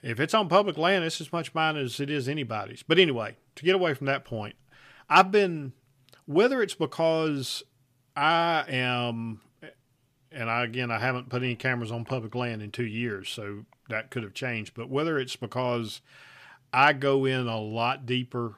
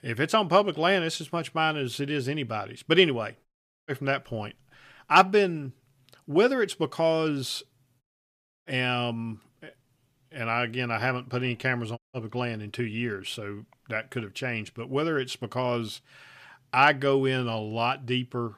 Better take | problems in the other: first | audio cutting out; at 3.5 s, at 8 s for 0.5 s and at 12 s

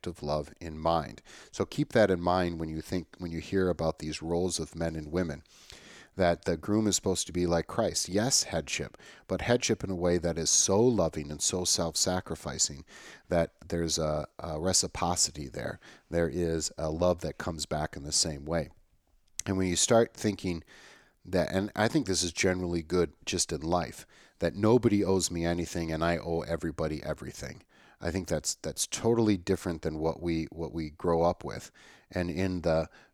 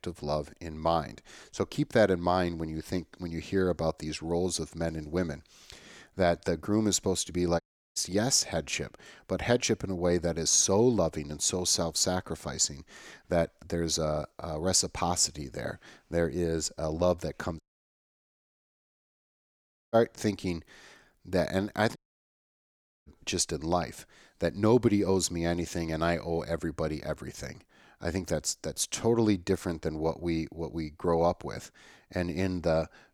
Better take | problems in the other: first | audio cutting out; at 7.5 s, at 18 s for 2.5 s and at 22 s for 1 s

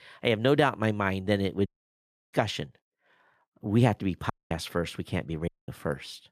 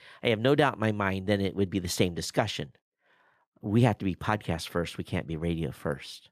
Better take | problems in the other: second | audio cutting out; at 1.5 s for 0.5 s, at 4.5 s and at 5.5 s

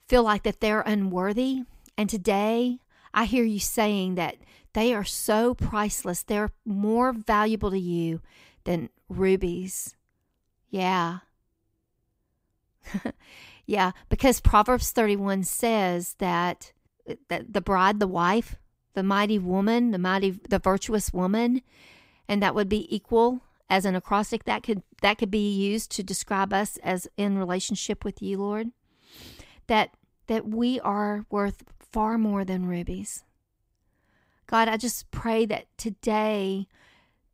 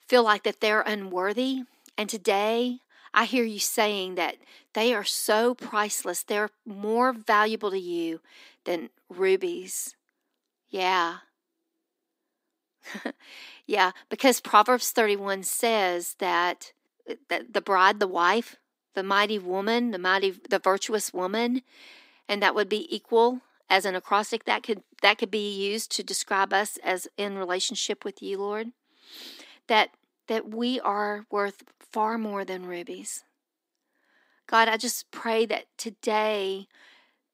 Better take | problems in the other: first | thin; somewhat; fading below 250 Hz

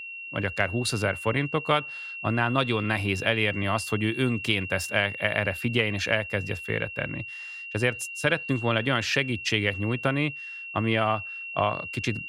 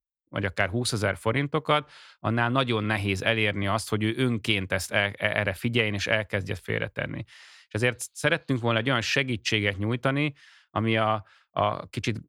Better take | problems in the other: second | high-pitched whine; loud; throughout; 2.5 kHz, 8 dB below the speech

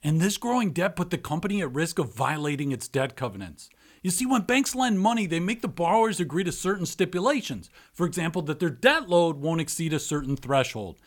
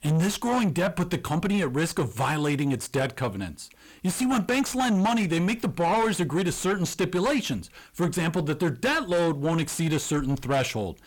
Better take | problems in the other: first | distortion; heavy; 7 dB below the speech

